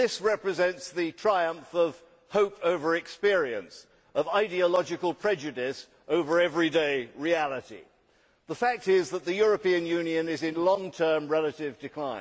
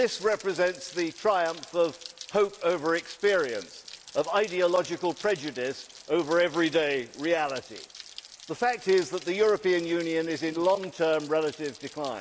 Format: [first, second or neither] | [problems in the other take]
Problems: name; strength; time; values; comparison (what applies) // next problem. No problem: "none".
first | background sound (Rain); 19 dB below the speech